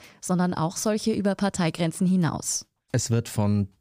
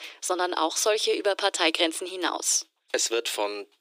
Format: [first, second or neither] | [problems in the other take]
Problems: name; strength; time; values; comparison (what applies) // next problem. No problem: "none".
first | thin; very; fading below 300 Hz